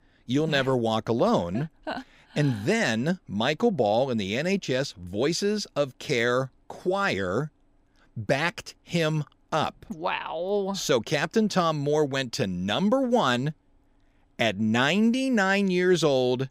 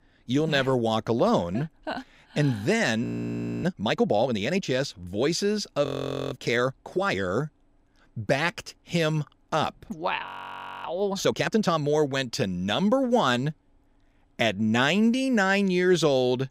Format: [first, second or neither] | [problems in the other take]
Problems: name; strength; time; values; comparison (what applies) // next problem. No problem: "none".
first | audio freezing; at 3 s for 0.5 s, at 6 s and at 10 s for 0.5 s